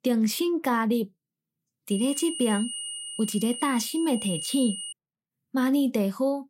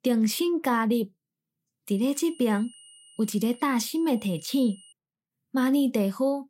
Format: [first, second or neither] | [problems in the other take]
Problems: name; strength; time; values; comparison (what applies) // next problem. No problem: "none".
second | high-pitched whine; loud; from 2 to 5 s; 3 kHz, 7 dB below the speech; faint in the second